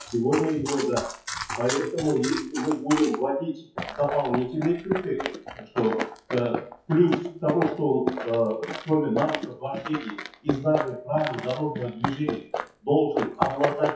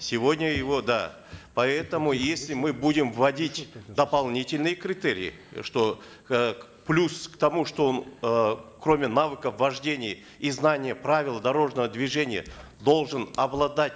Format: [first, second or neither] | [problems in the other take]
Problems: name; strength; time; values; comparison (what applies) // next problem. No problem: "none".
second | noise reduction (classical method WPE with log-MMSE)